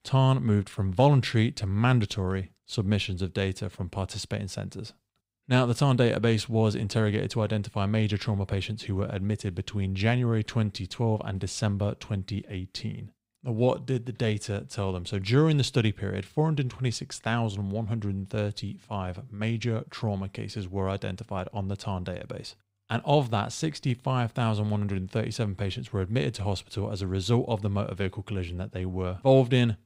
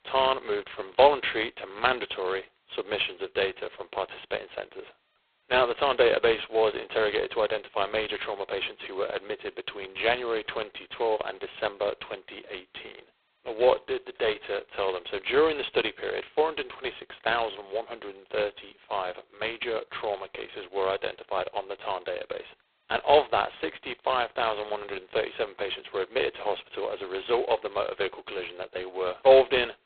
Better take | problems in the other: first | phone-call audio; poor line; nothing above 4 kHz

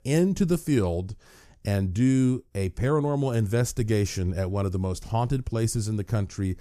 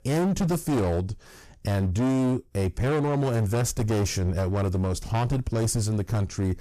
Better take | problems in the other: first | distortion; heavy; 24% of the sound clipped

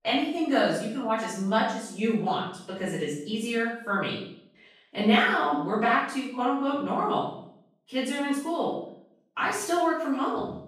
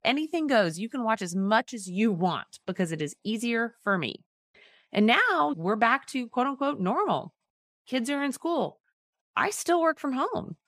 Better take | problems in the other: second | off-mic speech; far // room echo; noticeable; dies away in 0.6 s

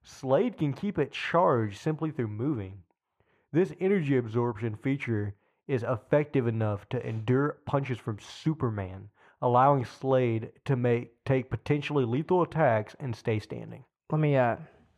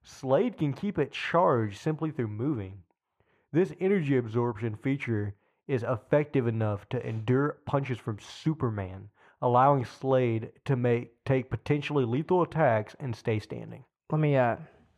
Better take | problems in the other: neither | muffled; very; fading above 3.5 kHz; the same in both

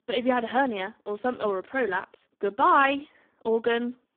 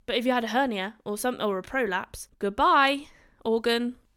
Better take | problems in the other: second | phone-call audio; poor line

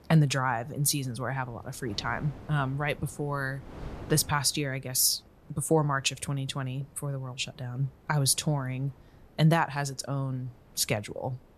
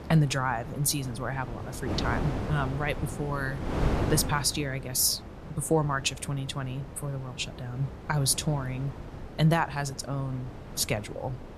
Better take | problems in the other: first | wind noise on the microphone; heavy; 10 dB below the speech; occasional gusts in the first

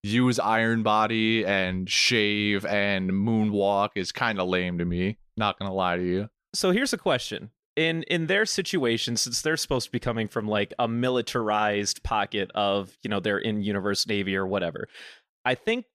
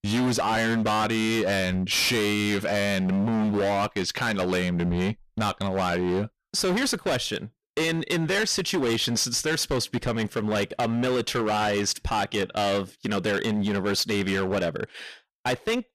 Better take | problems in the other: first | distortion; heavy; 23% of the sound clipped

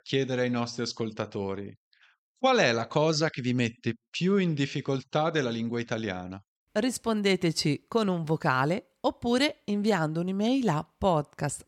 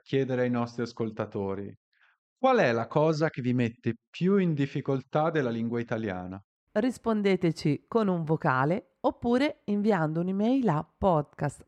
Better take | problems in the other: first | muffled; slightly; fading above 2.5 kHz

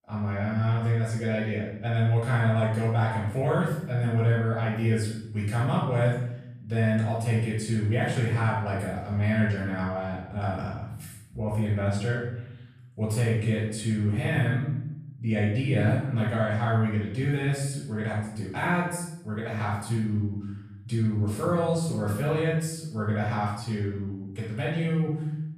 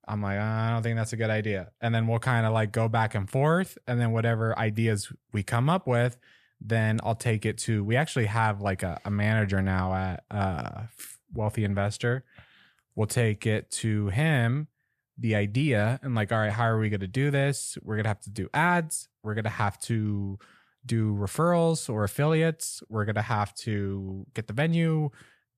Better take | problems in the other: second | off-mic speech; far // room echo; noticeable; dies away in 0.8 s

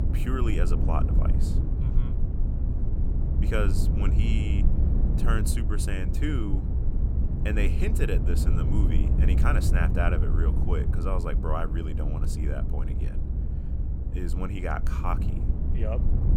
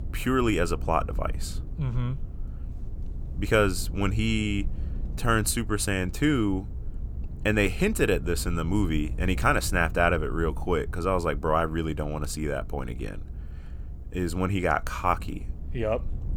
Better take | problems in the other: second | low rumble; loud; throughout; 6 dB below the speech; faint in the second

